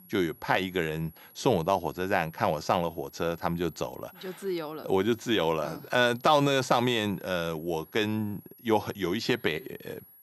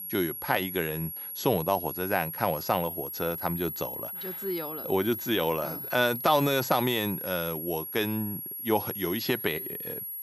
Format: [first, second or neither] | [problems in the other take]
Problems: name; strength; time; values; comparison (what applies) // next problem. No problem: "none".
first | high-pitched whine; loud; throughout; 11.5 kHz, 5 dB below the speech; faint in the first